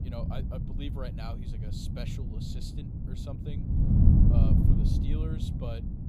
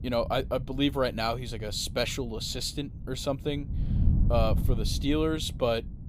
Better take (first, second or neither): second